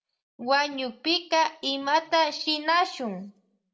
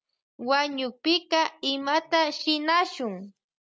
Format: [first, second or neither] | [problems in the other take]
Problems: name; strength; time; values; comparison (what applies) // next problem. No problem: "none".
second | room echo; dies away in 0.3 s